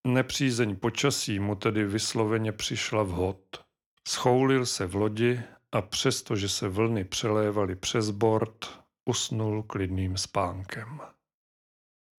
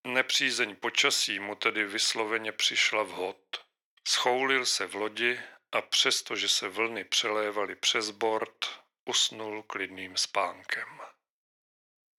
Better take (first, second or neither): first